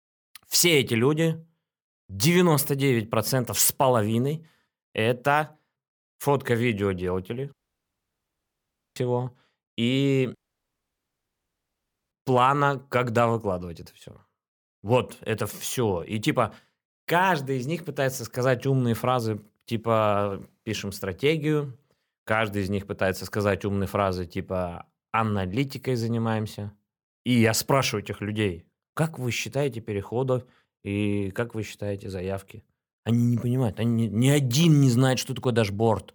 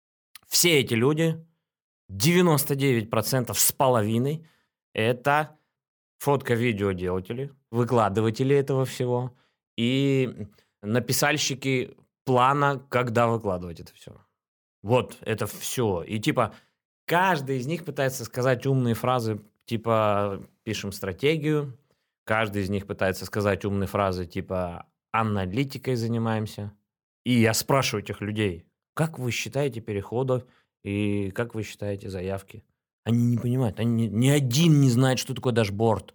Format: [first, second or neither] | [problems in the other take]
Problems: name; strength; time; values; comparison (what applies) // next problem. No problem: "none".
second | audio cutting out; at 7.5 s for 1.5 s and at 10 s for 2 s